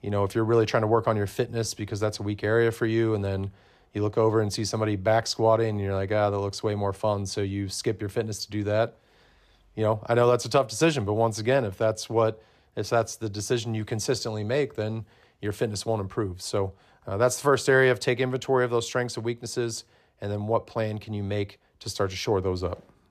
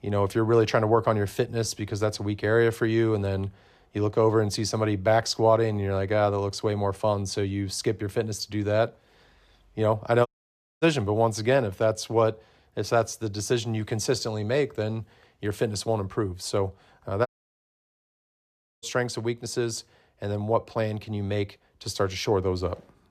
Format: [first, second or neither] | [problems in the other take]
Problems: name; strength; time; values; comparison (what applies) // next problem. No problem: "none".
first | audio cutting out; at 10 s for 0.5 s and at 17 s for 1.5 s